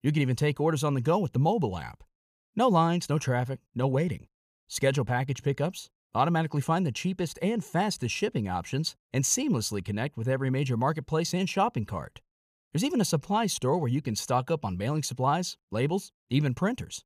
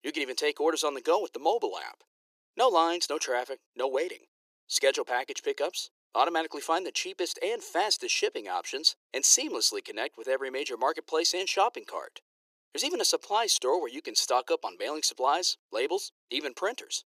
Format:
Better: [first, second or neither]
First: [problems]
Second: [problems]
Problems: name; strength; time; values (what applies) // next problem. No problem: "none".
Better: first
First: none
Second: thin; very; fading below 350 Hz